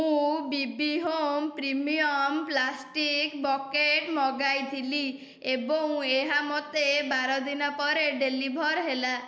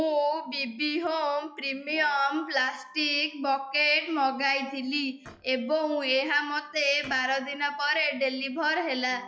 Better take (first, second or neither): first